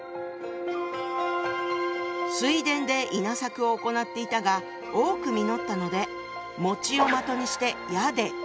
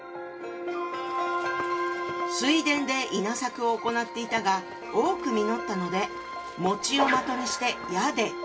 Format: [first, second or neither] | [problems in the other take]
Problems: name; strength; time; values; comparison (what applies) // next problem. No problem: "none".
first | background sound (Run); 19 dB below the speech // room echo; dies away in 0.2 s